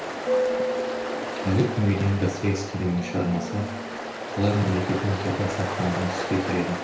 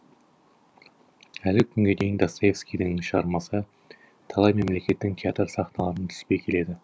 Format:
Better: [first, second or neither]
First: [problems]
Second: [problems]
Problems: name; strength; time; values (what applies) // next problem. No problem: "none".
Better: second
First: background sound (Ocean); 3 dB below the speech // room echo; dies away in 0.5 s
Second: none